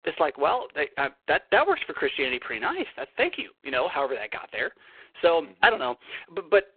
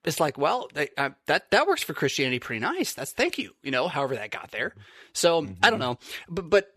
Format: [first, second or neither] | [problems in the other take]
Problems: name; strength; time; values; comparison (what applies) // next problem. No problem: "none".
second | phone-call audio; poor line